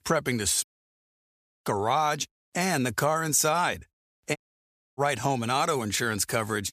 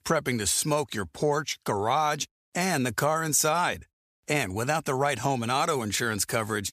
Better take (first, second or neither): second